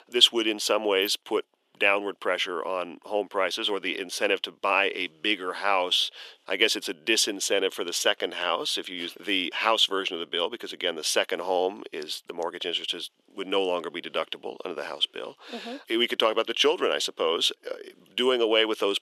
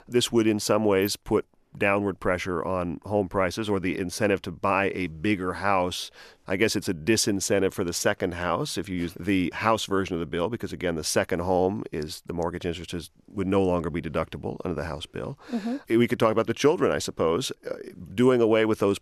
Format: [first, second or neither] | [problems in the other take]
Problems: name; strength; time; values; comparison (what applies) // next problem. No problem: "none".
second | thin; somewhat; fading below 350 Hz